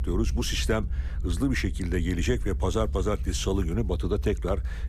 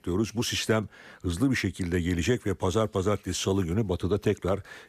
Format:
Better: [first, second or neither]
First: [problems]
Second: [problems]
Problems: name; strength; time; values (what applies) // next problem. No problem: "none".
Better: second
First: low rumble; faint; throughout; 20 dB below the speech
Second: none